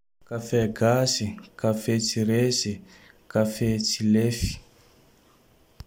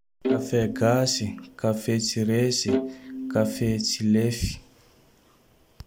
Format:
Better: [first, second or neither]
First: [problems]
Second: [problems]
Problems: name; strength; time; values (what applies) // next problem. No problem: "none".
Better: first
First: none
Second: background sound (Bowed string instrument); 7 dB below the speech